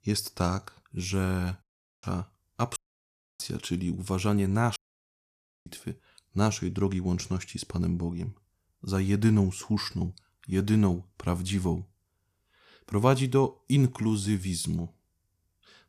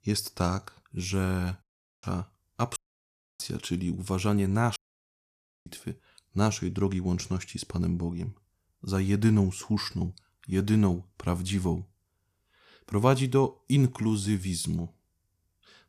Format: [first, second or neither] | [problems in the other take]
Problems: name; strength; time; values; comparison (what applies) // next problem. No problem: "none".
neither | audio cutting out; at 1.5 s, at 3 s for 0.5 s and at 5 s for 1 s; the same in both